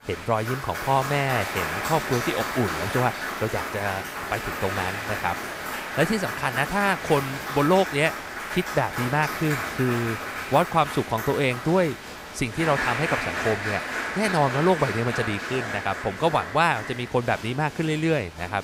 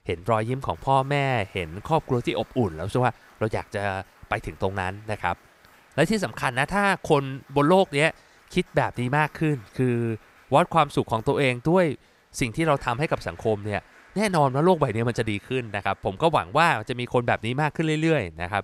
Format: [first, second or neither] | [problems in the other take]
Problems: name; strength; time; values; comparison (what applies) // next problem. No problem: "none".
second | crowd noise; loud; throughout; 5 dB below the speech; faint in the second